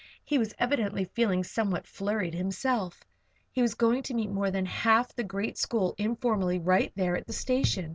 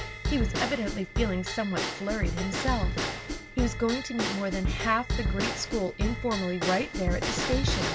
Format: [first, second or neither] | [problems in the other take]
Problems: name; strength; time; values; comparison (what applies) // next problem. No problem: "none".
first | background sound (Bell / Drum / Drum kit); as loud as the speech